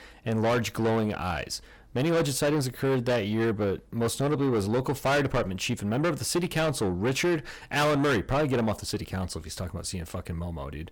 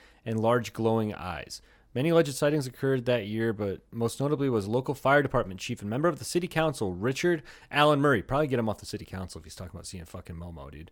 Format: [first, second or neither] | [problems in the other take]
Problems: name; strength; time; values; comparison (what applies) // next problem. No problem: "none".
second | distortion; heavy; 6 dB below the speech